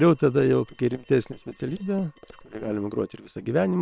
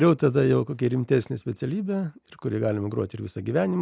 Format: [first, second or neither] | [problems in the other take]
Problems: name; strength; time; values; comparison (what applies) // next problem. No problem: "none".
second | noise reduction (neural separator model SepFormer WHAM!)